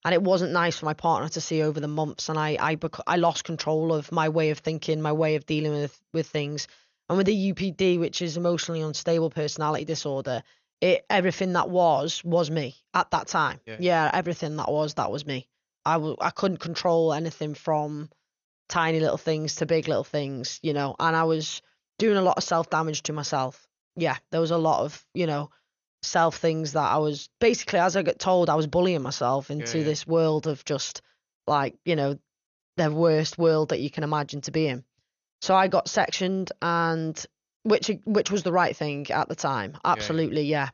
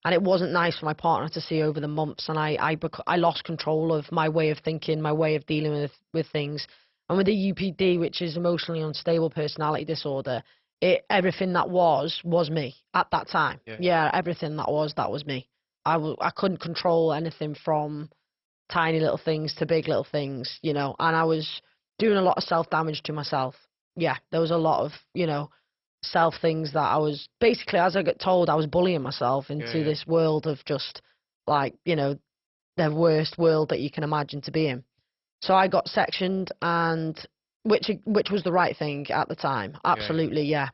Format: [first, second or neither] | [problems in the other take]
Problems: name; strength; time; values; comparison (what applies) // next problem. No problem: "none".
first | garbled, watery; badly; nothing above 5.5 kHz; slightly in the first